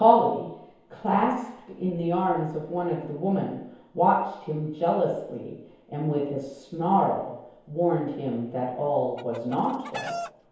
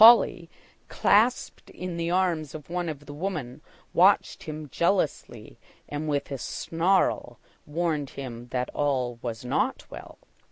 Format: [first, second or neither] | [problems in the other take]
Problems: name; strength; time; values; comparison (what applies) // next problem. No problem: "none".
second | background sound (Chicken, rooster); 12 dB below the speech // room echo; dies away in 1 s